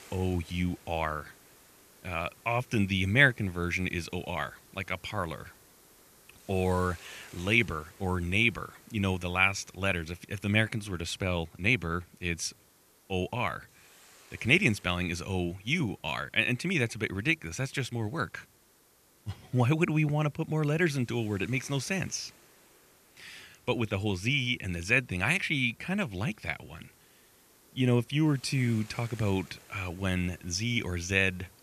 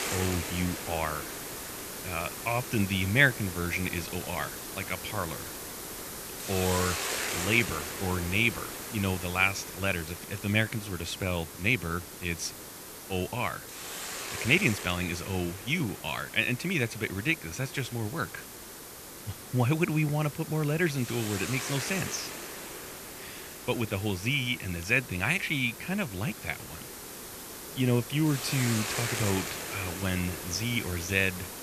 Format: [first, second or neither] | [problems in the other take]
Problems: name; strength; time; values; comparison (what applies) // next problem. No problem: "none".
first | hiss; loud; throughout; 7 dB below the speech; faint in the first